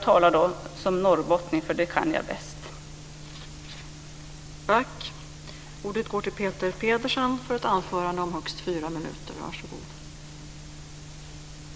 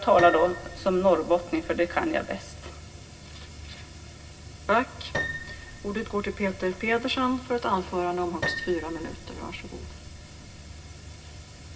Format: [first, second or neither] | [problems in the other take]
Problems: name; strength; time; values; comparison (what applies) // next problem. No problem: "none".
first | background sound (Piano); 10 dB below the speech // room echo; dies away in 0.4 s